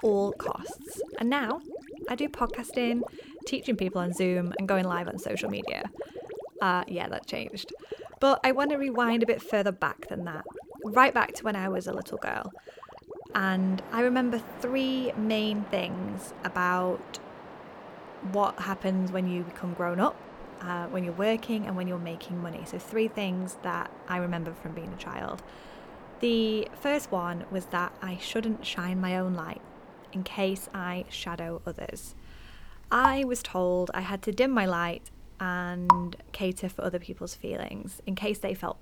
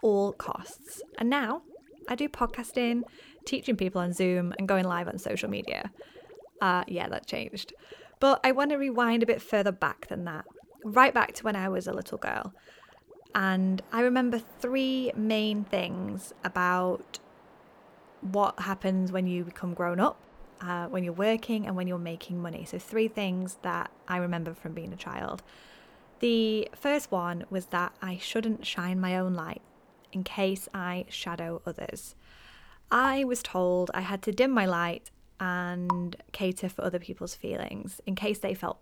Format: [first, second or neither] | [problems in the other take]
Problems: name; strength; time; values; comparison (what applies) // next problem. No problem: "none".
second | rain or running water; loud; throughout; 10 dB below the speech; faint in the second